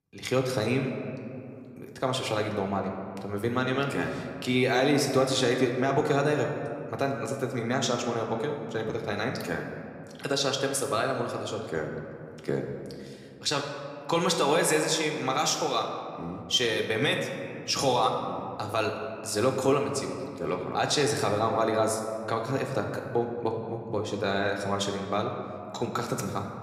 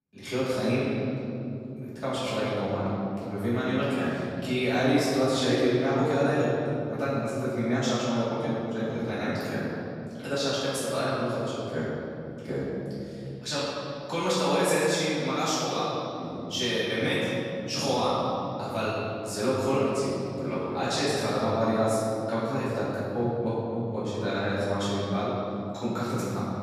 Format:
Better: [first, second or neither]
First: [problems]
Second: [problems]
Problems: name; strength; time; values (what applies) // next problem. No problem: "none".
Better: first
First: room echo; slight; dies away in 2 s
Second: room echo; strong; dies away in 3 s // off-mic speech; far